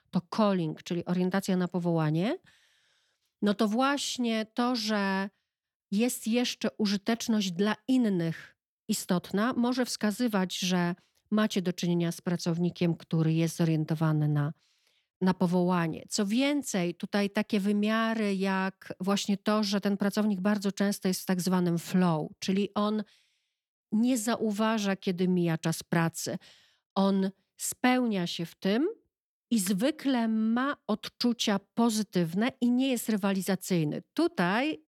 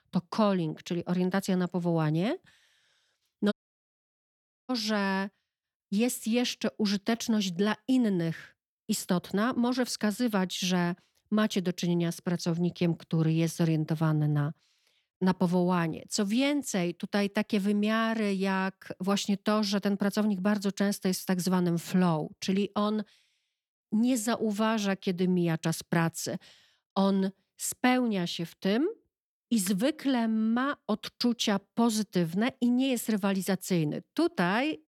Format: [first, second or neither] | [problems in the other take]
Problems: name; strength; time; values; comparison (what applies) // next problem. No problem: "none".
first | audio cutting out; at 3.5 s for 1 s